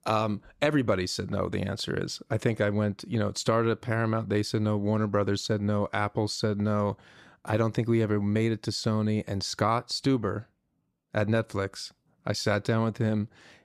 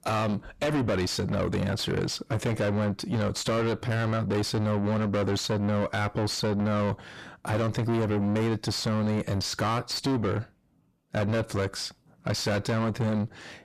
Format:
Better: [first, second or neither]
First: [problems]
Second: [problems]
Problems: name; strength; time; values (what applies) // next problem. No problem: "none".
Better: first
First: none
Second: distortion; heavy; 6 dB below the speech